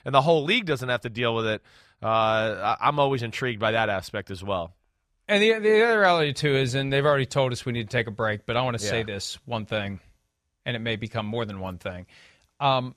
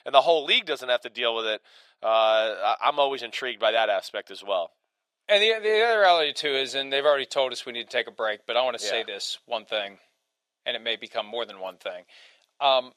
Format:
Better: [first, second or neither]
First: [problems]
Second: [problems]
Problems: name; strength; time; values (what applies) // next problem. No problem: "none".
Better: first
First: none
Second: thin; very; fading below 350 Hz